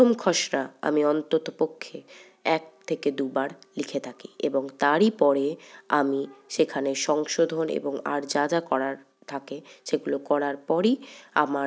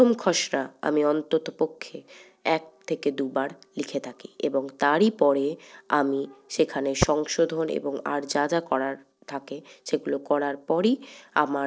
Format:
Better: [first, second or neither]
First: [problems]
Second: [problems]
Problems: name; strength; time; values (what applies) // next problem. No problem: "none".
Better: first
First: none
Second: noise reduction (neural separator model SepFormer DNS4)